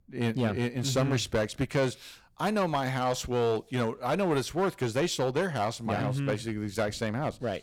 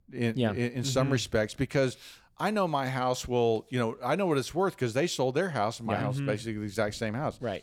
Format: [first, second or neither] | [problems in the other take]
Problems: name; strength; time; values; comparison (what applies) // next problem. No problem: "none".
second | distortion; slight; 6% of the sound clipped